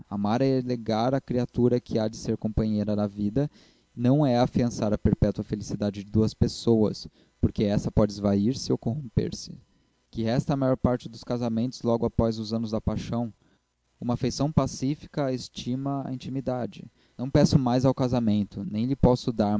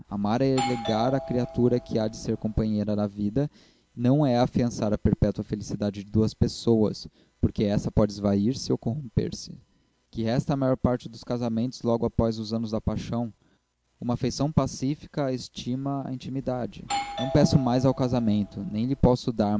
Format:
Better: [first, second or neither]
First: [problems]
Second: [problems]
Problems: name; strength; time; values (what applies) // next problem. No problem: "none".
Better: first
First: none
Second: background sound (Doorbell); 10 dB below the speech